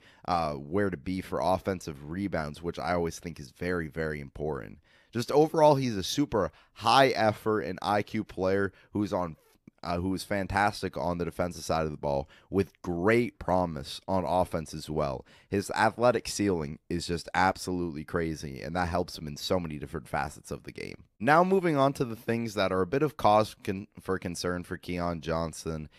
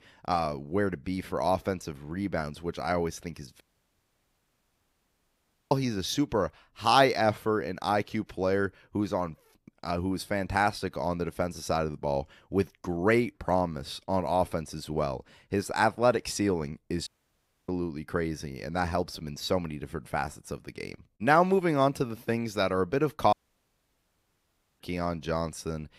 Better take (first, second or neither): first